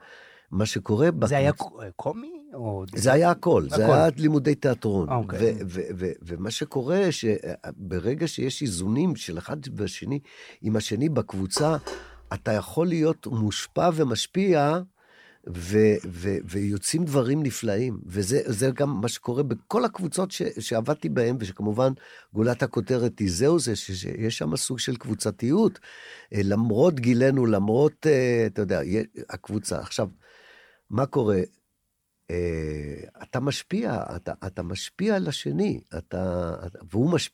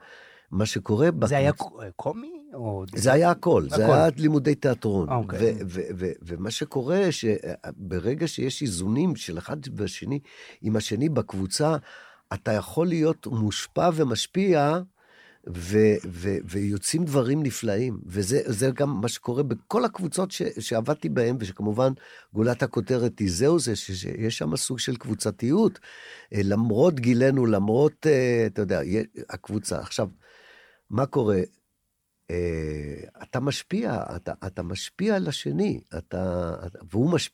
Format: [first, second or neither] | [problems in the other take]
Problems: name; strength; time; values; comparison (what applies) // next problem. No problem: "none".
second | clattering dishes; noticeable; at 12 s; peak 10 dB below the speech